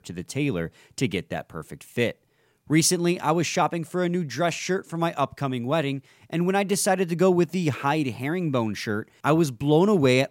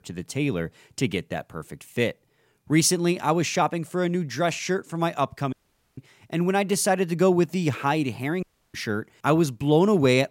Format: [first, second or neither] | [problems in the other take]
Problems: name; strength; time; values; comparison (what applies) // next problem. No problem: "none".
first | audio cutting out; at 5.5 s and at 8.5 s